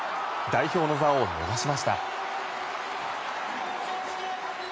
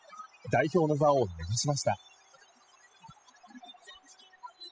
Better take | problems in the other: first | noise reduction (classical method spectral subtraction)

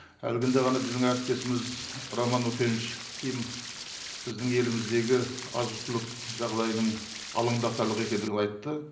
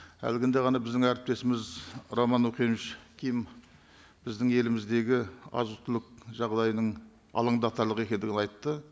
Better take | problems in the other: second | background sound (Stream); 10 dB below the speech // room echo; dies away in 0.5 s

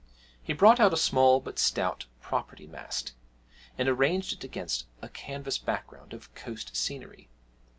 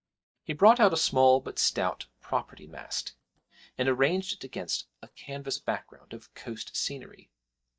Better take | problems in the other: first | noise reduction (neural mask model DeepFilterNet 3)

